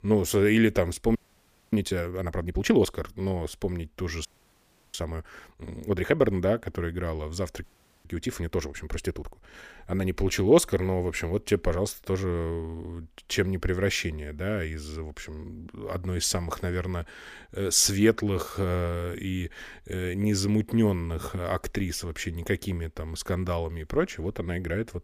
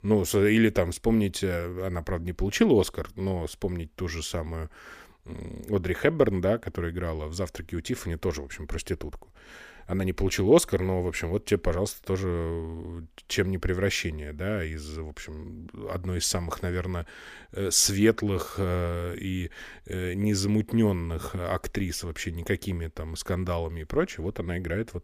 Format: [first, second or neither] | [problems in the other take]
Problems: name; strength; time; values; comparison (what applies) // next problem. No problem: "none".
second | audio freezing; at 1 s for 0.5 s, at 4.5 s for 0.5 s and at 7.5 s